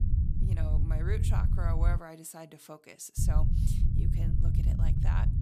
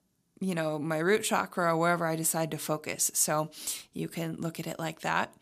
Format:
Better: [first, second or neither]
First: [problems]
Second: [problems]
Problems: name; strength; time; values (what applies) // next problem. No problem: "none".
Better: second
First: low rumble; loud; until 2 s and from 3 s on; 1 dB below the speech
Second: none